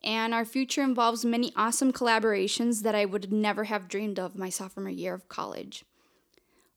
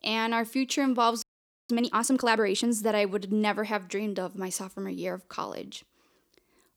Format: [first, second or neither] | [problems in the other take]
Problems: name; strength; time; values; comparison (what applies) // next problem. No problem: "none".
first | audio freezing; at 1 s